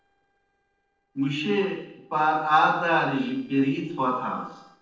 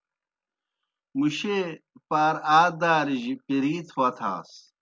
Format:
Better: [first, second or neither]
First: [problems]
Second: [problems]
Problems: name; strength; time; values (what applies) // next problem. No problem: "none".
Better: second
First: noise reduction (neural separator model SepFormer DNS4)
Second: none